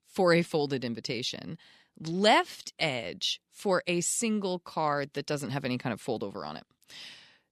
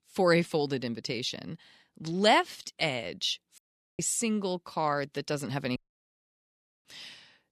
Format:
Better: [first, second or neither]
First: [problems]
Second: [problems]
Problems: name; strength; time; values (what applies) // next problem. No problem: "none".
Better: first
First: none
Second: audio cutting out; at 3.5 s and at 6 s for 1 s